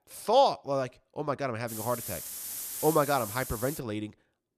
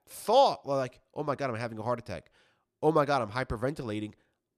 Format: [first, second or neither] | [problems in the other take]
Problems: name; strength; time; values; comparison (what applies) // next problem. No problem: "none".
second | hiss; loud; from 1.5 to 4 s; 7 dB below the speech